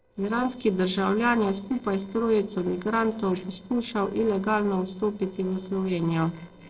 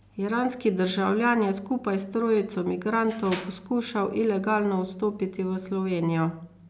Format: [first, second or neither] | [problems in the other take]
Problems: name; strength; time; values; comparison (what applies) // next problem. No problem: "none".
second | noise reduction (neural separator model SepFormer DNS4)